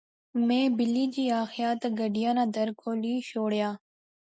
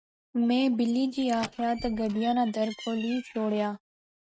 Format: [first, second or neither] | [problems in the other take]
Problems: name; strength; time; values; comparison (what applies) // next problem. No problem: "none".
first | noise reduction (neural mask model RNNoise)